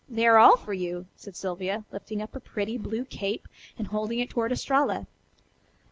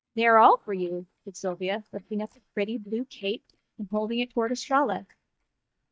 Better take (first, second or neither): first